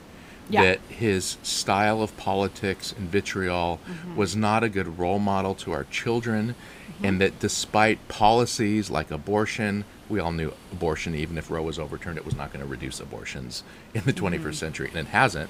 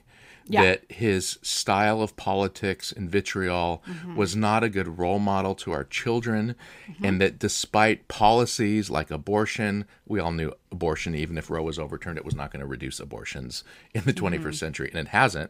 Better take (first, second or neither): second